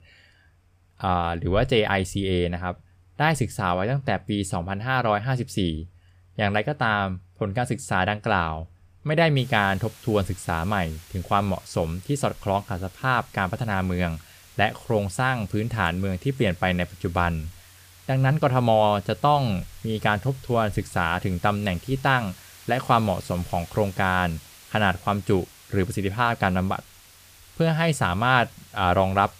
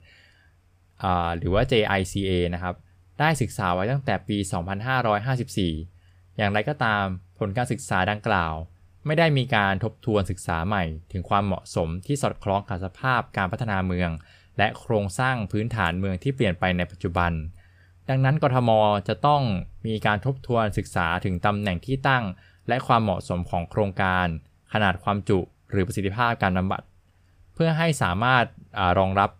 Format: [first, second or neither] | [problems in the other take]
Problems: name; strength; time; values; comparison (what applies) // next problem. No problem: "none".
second | hiss; faint; from 9.5 s on; 25 dB below the speech